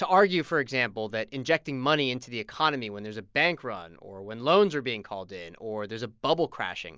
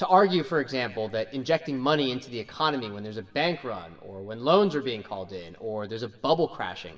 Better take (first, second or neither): first